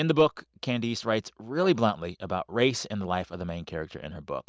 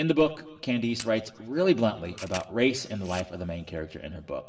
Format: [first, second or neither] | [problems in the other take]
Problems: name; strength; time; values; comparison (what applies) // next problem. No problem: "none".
first | background sound (Camera); 18 dB below the speech // room echo; dies away in 1.7 s